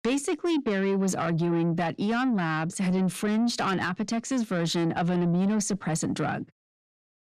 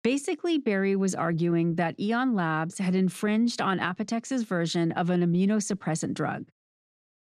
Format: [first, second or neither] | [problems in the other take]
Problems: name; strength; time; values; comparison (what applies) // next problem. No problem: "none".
second | distortion; slight; 10 dB below the speech